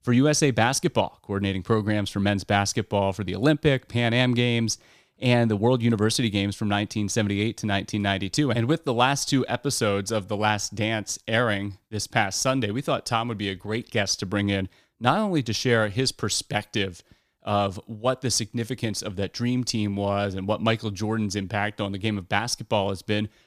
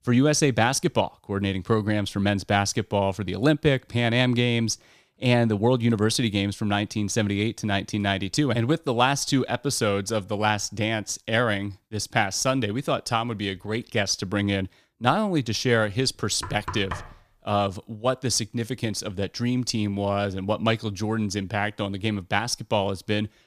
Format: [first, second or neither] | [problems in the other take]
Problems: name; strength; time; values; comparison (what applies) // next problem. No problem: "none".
first | door banging; noticeable; at 16 s; peak 9 dB below the speech